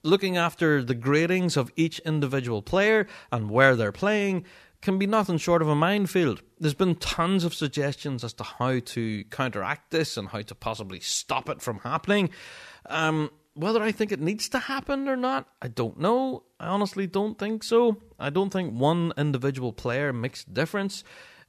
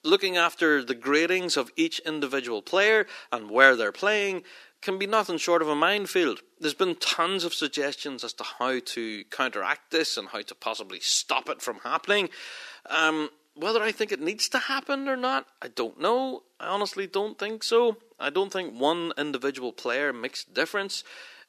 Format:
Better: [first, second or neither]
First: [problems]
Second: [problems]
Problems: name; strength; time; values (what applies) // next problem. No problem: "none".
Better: first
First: none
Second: thin; somewhat; fading below 300 Hz